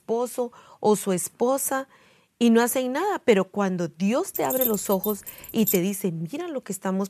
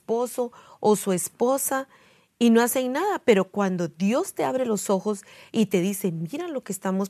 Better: second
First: jangling keys; noticeable; from 4.5 to 6 s; peak 1 dB below the speech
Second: none

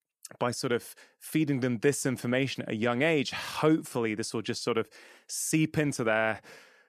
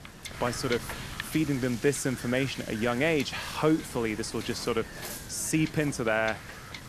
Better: first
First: none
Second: wind noise on the microphone; occasional gusts; 10 dB below the speech

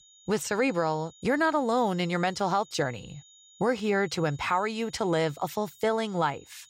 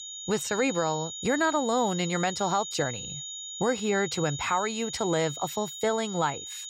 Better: first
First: high-pitched whine; faint; throughout; 7 kHz, 25 dB below the speech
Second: high-pitched whine; loud; throughout; 7 kHz, 8 dB below the speech

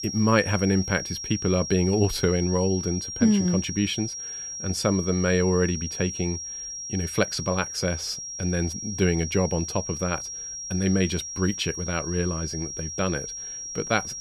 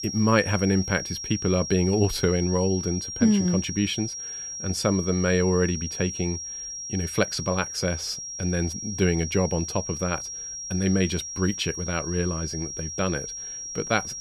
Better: neither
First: high-pitched whine; loud; throughout; 5.5 kHz, 6 dB below the speech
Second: high-pitched whine; loud; throughout; 5.5 kHz, 6 dB below the speech

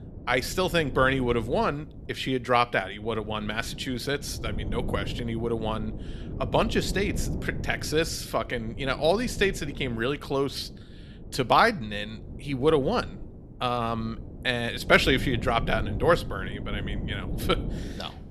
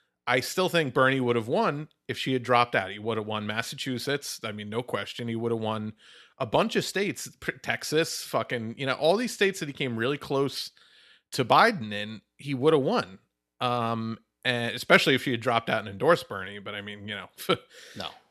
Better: second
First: wind noise on the microphone; occasional gusts; 20 dB below the speech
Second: none

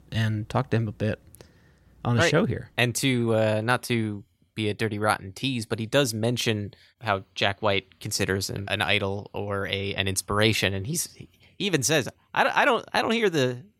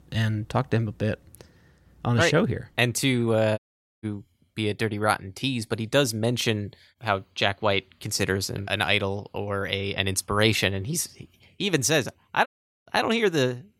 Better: first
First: none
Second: audio cutting out; at 3.5 s and at 12 s

